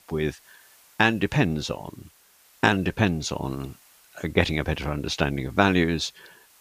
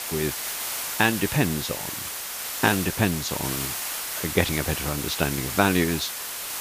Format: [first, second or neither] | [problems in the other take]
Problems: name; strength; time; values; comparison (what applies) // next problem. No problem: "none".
first | hiss; loud; throughout; 3 dB below the speech; faint in the first